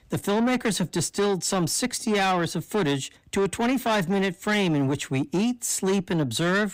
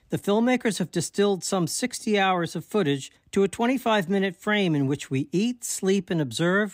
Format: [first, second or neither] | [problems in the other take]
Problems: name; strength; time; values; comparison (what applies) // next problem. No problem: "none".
second | distortion; slight; 10 dB below the speech